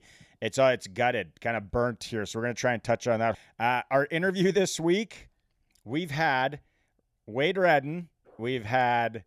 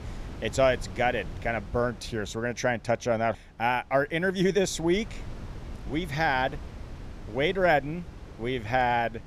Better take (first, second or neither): first